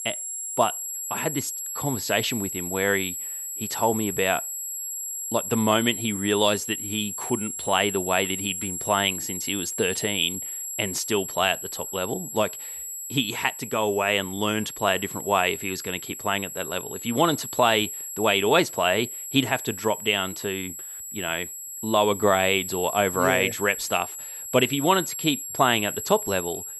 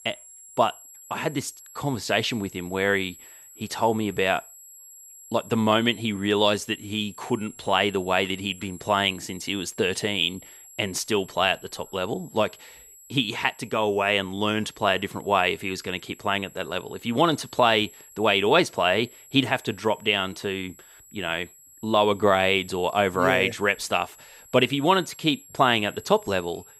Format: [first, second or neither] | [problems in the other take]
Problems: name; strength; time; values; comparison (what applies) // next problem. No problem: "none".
second | high-pitched whine; loud; throughout; 7.5 kHz, 6 dB below the speech; faint in the second